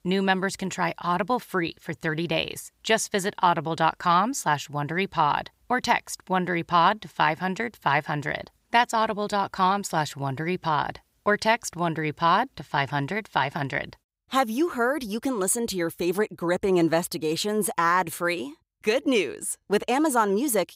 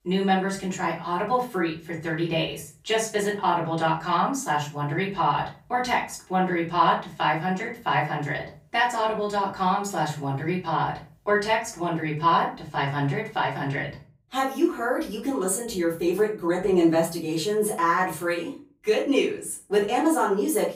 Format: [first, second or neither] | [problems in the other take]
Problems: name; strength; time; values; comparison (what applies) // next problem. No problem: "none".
first | off-mic speech; far // room echo; slight; dies away in 0.3 s